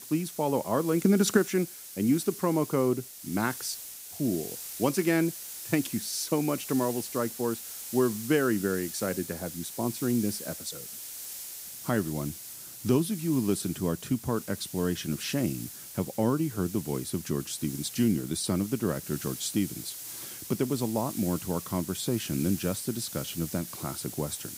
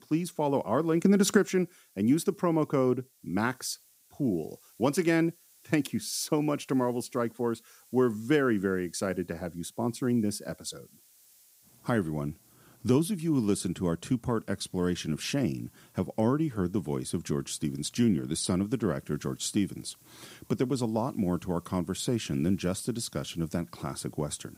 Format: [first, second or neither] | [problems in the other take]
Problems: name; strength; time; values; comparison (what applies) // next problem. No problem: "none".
second | hiss; loud; throughout; 9 dB below the speech; faint in the second